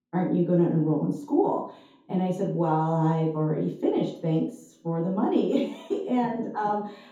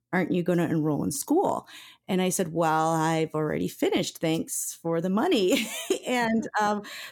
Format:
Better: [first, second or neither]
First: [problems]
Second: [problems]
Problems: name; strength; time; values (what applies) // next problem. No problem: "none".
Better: second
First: room echo; noticeable; dies away in 0.6 s // off-mic speech; far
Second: none